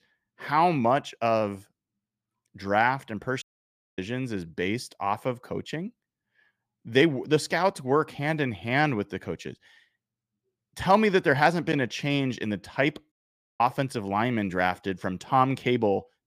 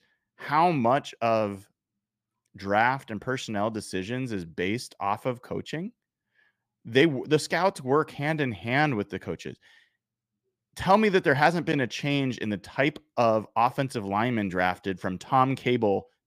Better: second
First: audio cutting out; at 3.5 s for 0.5 s and at 13 s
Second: none

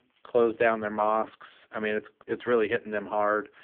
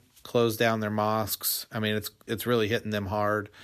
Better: second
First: phone-call audio; poor line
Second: none

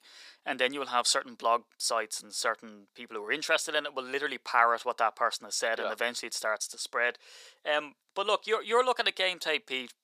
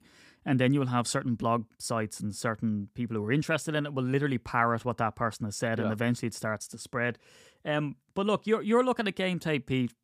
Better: second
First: thin; very; fading below 550 Hz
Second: none

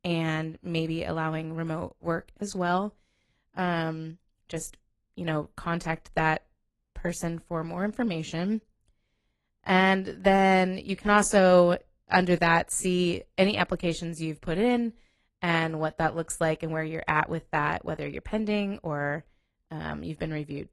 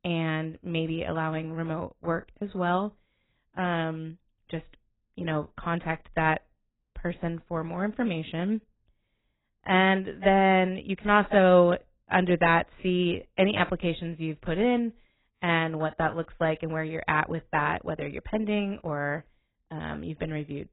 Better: first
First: garbled, watery; slightly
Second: garbled, watery; badly; nothing above 4 kHz

